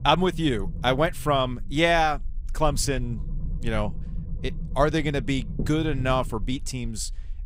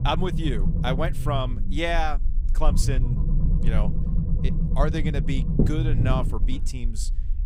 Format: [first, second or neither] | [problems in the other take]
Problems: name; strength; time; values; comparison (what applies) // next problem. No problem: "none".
first | low rumble; loud; throughout; 7 dB below the speech; faint in the first